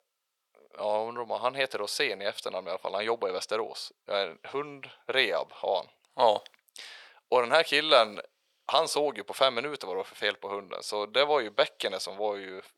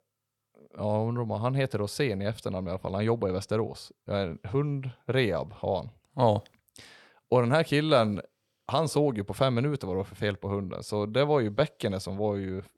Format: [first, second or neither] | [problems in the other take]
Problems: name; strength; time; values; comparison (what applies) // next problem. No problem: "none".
second | thin; very; fading below 650 Hz